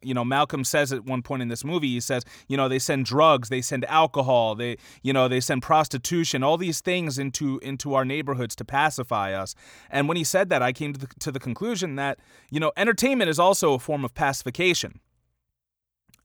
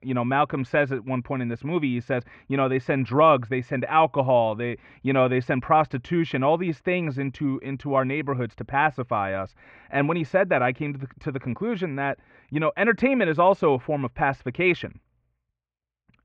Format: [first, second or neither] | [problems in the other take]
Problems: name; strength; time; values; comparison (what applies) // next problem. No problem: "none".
first | muffled; very; fading above 2.5 kHz